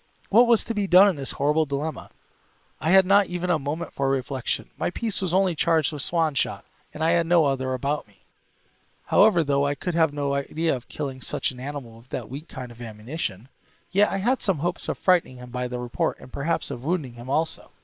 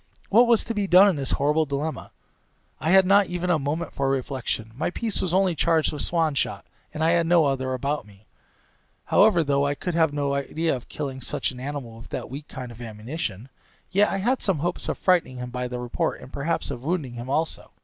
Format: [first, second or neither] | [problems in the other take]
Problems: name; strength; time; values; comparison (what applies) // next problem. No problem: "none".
second | noise reduction (neural separator model SepFormer WHAM!)